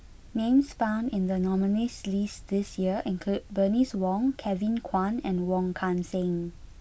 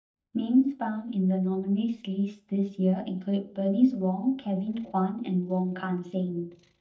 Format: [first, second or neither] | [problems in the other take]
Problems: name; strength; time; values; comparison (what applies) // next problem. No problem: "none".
first | noise reduction (neural mask model DeepFilterNet 3)